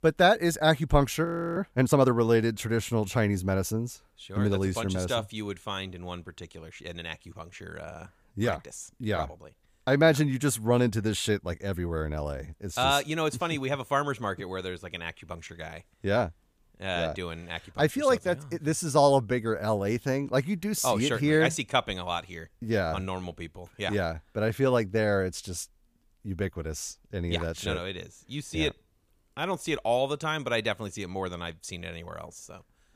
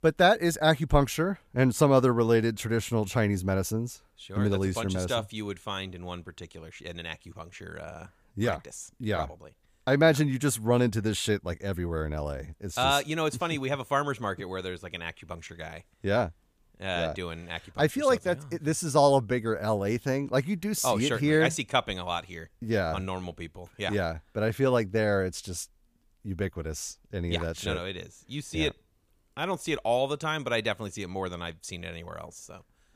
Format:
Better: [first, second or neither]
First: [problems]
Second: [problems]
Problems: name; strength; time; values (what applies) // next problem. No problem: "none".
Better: second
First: audio freezing; at 1.5 s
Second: none